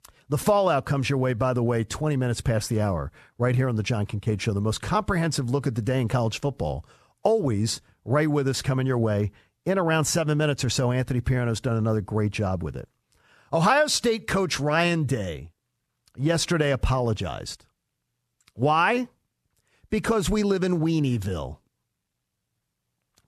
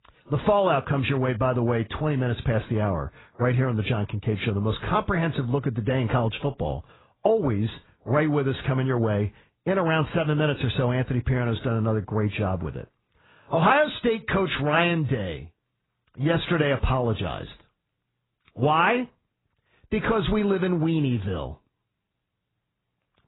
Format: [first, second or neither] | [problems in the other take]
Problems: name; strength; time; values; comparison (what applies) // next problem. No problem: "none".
first | garbled, watery; badly; nothing above 4 kHz